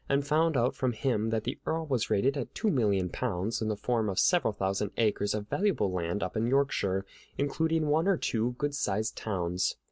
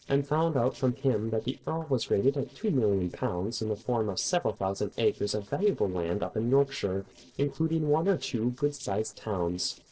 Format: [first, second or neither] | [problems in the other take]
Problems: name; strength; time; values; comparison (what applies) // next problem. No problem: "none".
first | noise reduction (neural separator model SepFormer DNS4)